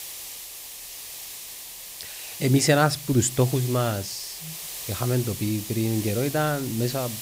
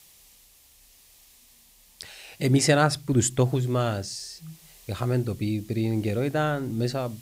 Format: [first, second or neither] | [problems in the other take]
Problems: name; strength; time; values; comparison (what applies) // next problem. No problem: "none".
second | hiss; loud; throughout; 10 dB below the speech; faint in the second